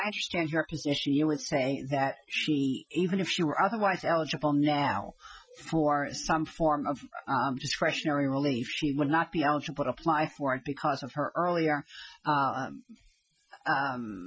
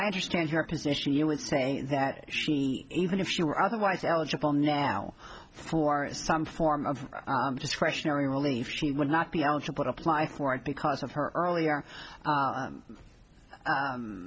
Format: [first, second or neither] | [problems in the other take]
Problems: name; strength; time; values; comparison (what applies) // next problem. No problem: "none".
second | noise reduction (classical method Wiener filter)